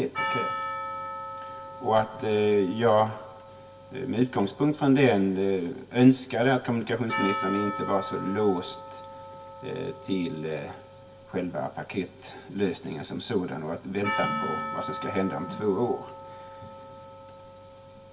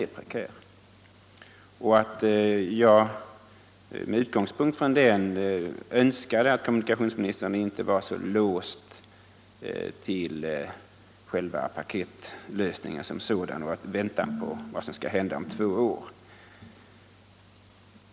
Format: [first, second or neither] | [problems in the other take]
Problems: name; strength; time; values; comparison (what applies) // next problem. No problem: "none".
second | background sound (Percussion); 10 dB below the speech // room echo; dies away in 0.1 s